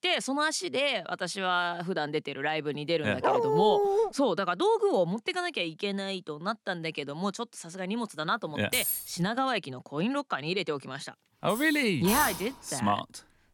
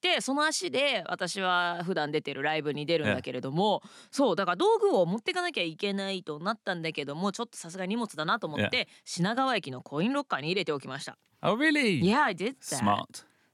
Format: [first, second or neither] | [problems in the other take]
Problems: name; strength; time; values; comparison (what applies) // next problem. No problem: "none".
second | dog barking; loud; at 3 s; peak 4 dB above the speech // jangling keys; loud; at 8.5 s; peak 1 dB above the speech // clattering dishes; loud; from 11 to 12 s; peak level with the speech